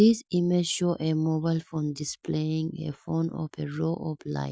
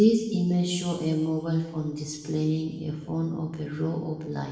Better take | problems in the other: first | room echo; dies away in 1.2 s

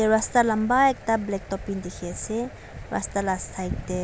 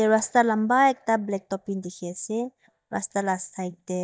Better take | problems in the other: first | noise reduction (neural mask model DeepFilterNet 3)

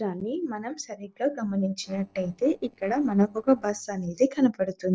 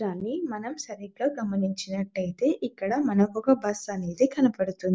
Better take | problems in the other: second | noise reduction (neural separator model SepFormer DNS4)

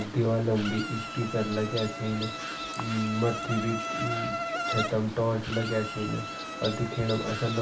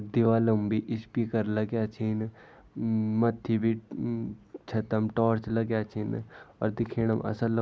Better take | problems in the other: second | background sound (Insect); 5 dB below the speech // room echo; dies away in 0.3 s

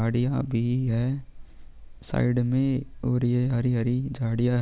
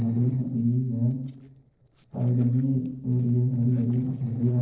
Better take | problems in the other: first | noise reduction (neural separator model SepFormer DNS4)

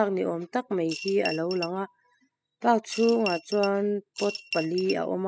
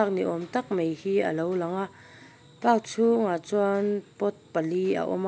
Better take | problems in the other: second | noise reduction (classical method spectral subtraction)

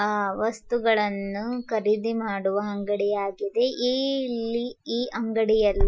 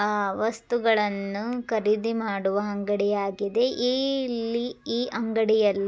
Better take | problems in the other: second | noise reduction (classical method Wiener filter)

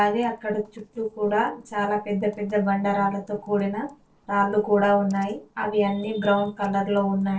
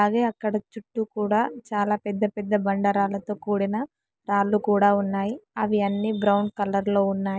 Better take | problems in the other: second | noise reduction (neural separator model SepFormer DNS4)

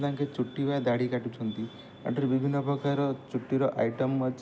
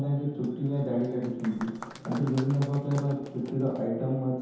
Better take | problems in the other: first | background sound (Applause); 17 dB below the speech // room echo; dies away in 0.9 s

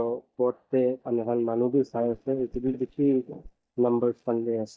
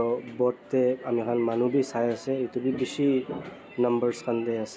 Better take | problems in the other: second | noise reduction (neural mask model DeepFilterNet 3)

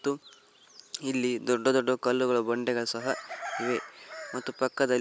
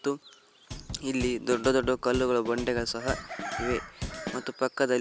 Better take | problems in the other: first | background sound (Drum kit); 10 dB below the speech

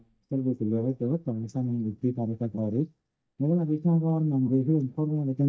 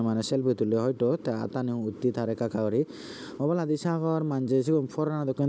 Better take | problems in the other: second | noise reduction (neural mask model DeepFilterNet 3)

